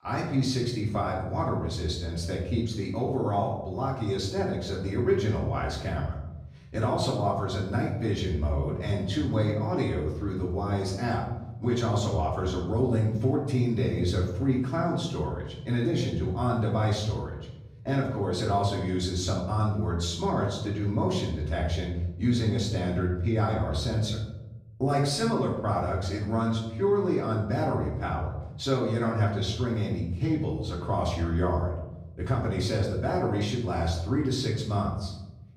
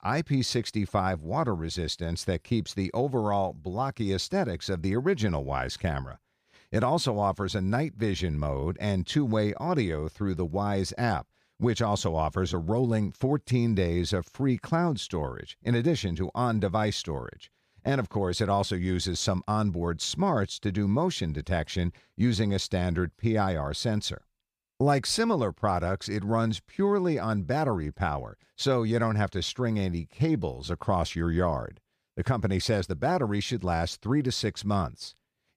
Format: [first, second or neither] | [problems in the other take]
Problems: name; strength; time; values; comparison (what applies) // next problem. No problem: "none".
second | off-mic speech; far // room echo; noticeable; dies away in 0.9 s